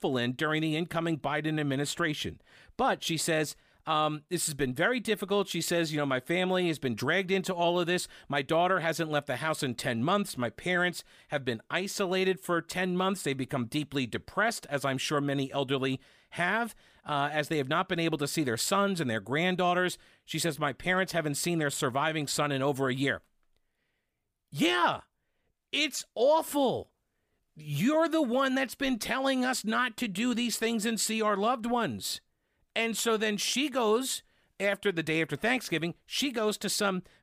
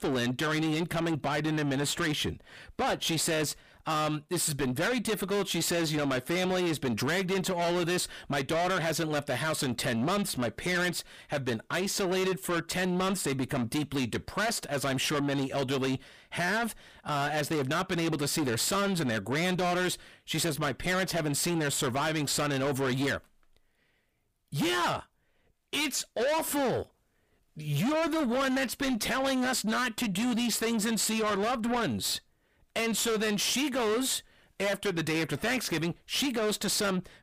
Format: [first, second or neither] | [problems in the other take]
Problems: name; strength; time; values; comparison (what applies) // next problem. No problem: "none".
first | distortion; heavy; 6 dB below the speech